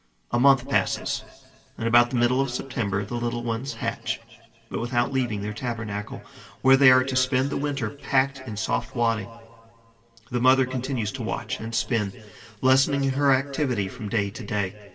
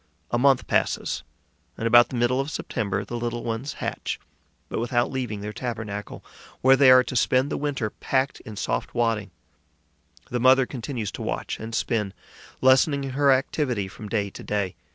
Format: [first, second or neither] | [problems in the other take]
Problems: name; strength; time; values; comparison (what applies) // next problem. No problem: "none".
second | room echo; dies away in 2 s